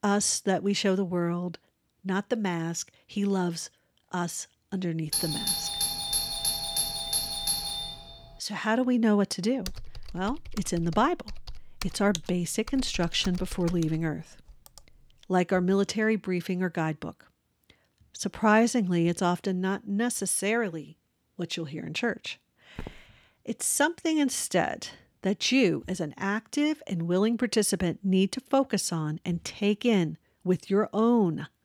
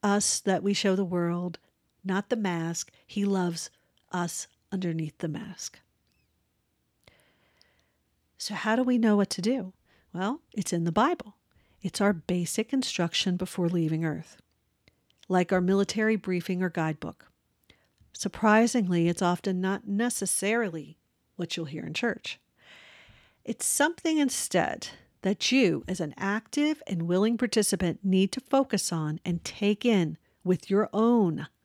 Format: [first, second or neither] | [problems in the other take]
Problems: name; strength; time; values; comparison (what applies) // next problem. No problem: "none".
second | doorbell; loud; from 5 to 8 s; peak 2 dB above the speech // keyboard typing; noticeable; from 9.5 to 15 s; peak 9 dB below the speech // footsteps; faint; at 23 s; peak 15 dB below the speech